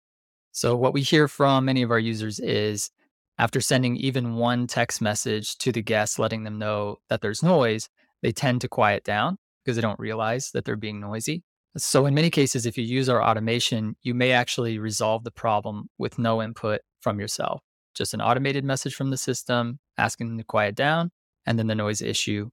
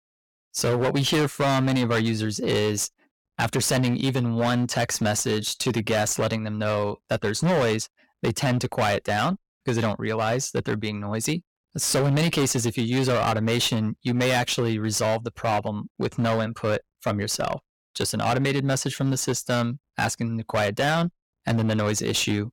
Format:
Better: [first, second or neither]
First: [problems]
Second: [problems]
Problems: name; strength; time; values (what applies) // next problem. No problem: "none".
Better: first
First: none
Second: distortion; heavy; 17% of the sound clipped